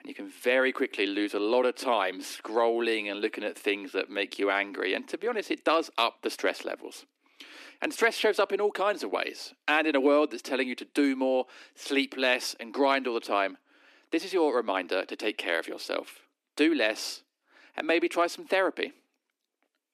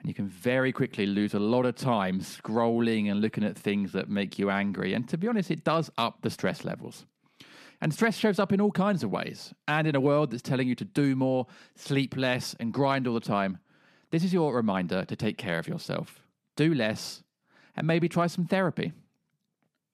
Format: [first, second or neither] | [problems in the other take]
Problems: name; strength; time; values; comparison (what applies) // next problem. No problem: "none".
second | thin; somewhat; fading below 300 Hz